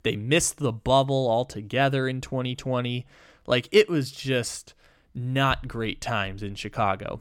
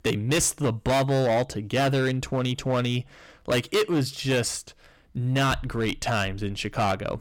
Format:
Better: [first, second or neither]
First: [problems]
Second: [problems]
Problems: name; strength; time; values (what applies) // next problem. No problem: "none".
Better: first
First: none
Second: distortion; heavy; 12% of the sound clipped